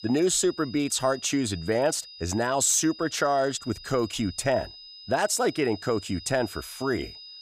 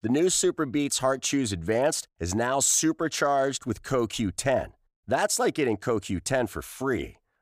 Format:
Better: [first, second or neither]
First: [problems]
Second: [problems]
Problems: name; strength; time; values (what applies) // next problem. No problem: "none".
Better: second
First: high-pitched whine; noticeable; throughout; 5 kHz, 15 dB below the speech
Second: none